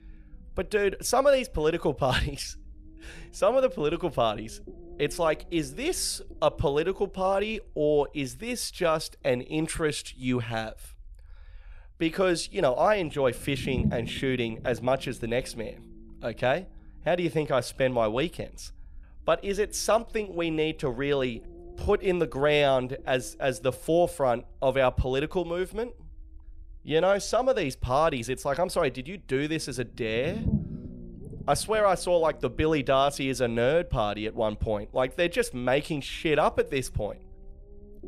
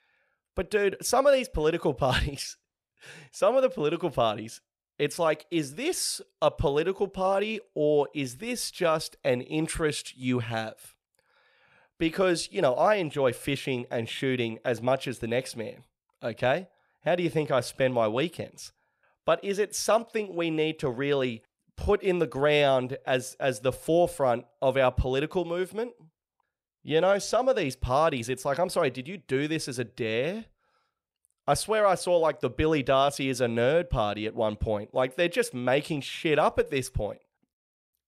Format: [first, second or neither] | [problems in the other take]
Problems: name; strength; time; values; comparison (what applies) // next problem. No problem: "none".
second | low rumble; faint; throughout; 25 dB below the speech